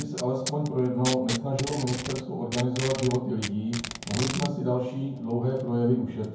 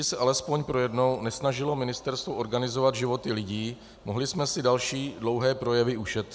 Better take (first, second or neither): second